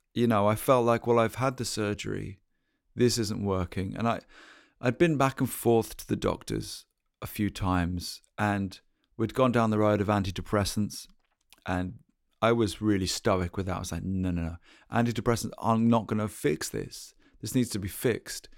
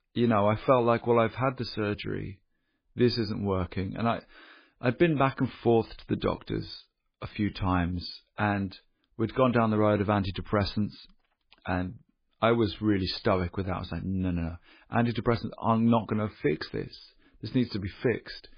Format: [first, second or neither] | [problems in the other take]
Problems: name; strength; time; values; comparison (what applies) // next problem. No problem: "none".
first | garbled, watery; badly; nothing above 5 kHz